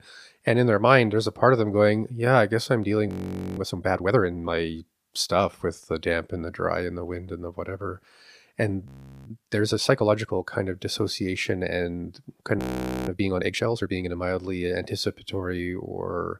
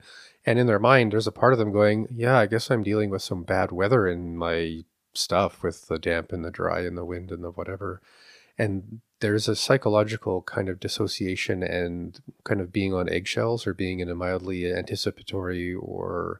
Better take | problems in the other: second | audio freezing; at 3 s, at 9 s and at 13 s

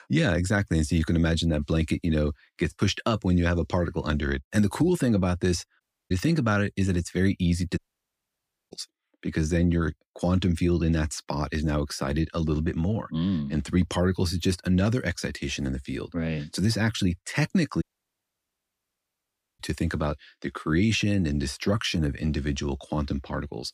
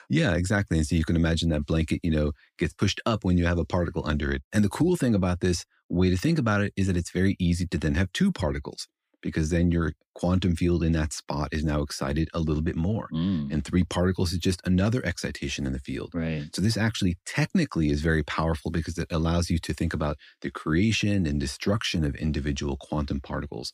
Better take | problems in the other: second | audio cutting out; at 6 s, at 8 s for 1 s and at 18 s for 2 s

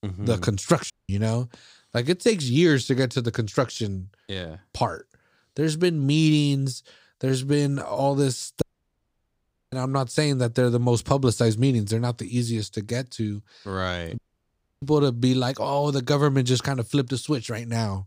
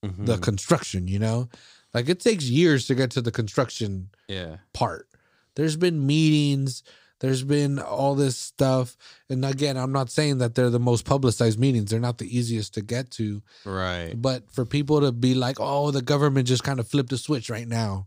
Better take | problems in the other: second | audio cutting out; at 1 s, at 8.5 s for 1 s and at 14 s for 0.5 s

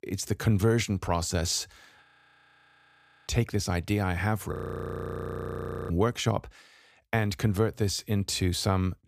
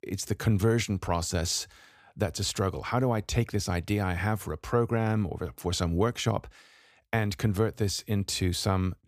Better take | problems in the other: second | audio freezing; at 2 s for 1 s and at 4.5 s for 1.5 s

